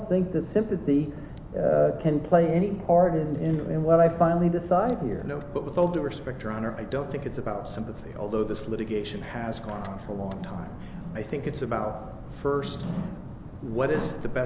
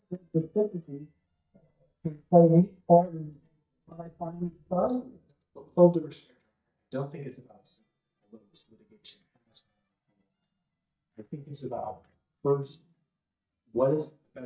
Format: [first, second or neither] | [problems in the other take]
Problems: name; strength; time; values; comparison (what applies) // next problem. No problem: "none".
first | noise reduction (neural mask model DeepFilterNet 3)